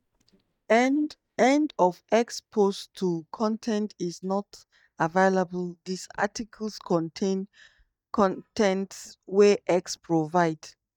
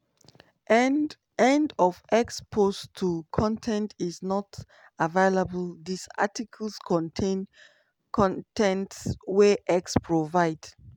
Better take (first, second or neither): second